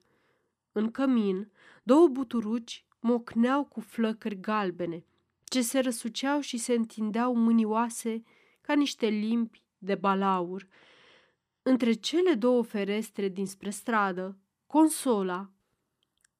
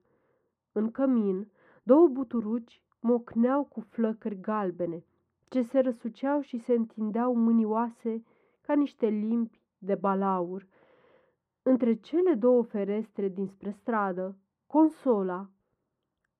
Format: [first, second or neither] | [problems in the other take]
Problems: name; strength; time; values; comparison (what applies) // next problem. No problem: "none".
first | muffled; very; fading above 2.5 kHz